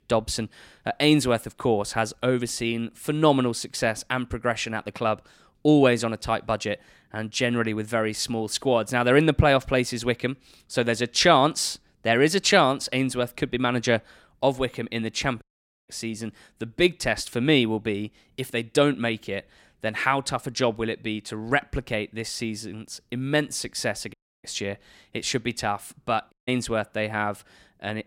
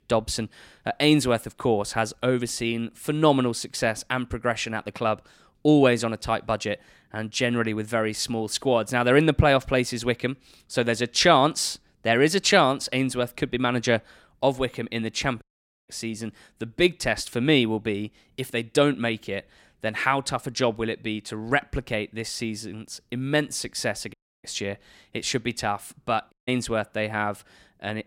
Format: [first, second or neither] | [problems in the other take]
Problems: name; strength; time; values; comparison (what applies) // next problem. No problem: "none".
neither | audio cutting out; at 15 s, at 24 s and at 26 s; the same in both